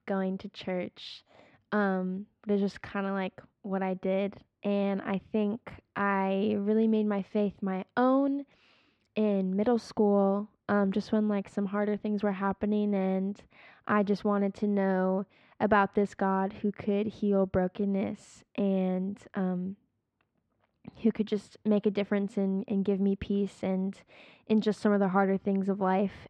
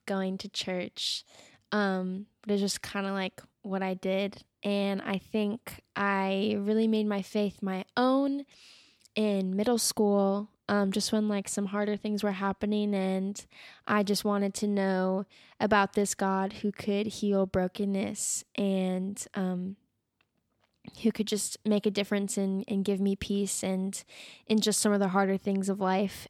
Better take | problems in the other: second | muffled; very; fading above 2 kHz

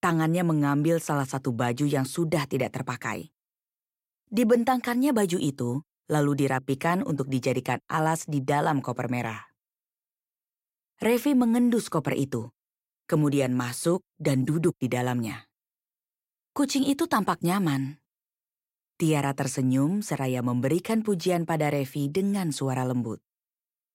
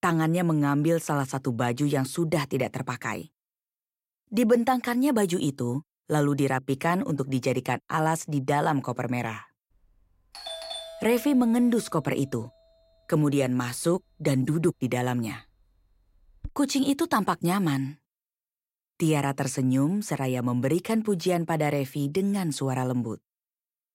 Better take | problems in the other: first | doorbell; noticeable; from 10 to 17 s; peak 8 dB below the speech

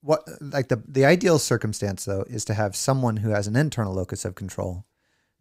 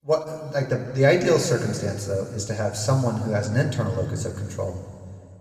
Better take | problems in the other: first | room echo; noticeable; dies away in 2.2 s // off-mic speech; somewhat distant

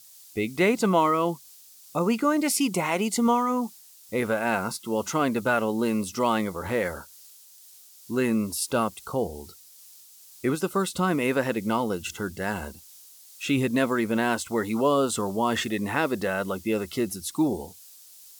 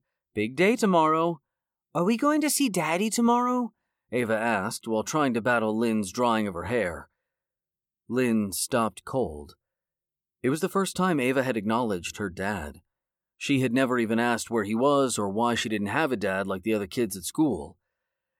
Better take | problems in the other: second | hiss; faint; throughout; 20 dB below the speech

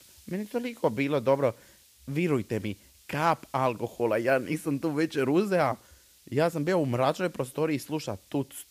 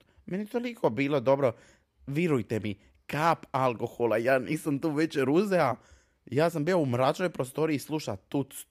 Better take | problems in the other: second | hiss; faint; throughout; 25 dB below the speech

